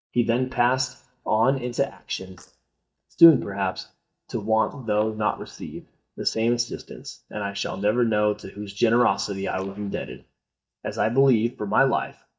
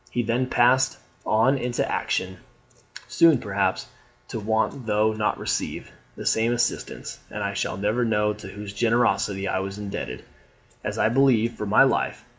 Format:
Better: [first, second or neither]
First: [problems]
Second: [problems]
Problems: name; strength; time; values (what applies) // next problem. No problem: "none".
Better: second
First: noise reduction (neural mask model DeepFilterNet 3)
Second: none